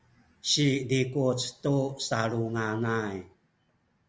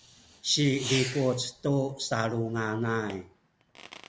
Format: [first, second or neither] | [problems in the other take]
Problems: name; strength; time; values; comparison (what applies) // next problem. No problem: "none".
first | background sound (Fireworks); 13 dB below the speech